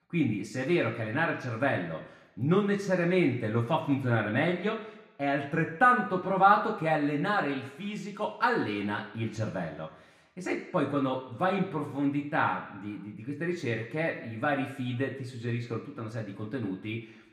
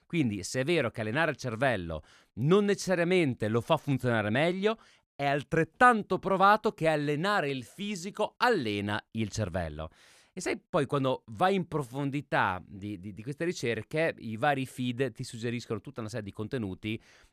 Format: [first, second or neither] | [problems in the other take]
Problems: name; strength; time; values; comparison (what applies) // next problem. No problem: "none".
second | room echo; slight; dies away in 1 s // off-mic speech; far